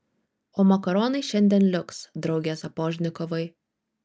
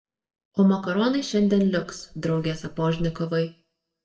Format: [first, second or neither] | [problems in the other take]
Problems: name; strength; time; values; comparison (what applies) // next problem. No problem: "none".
first | noise reduction (neural mask model DeepFilterNet 3)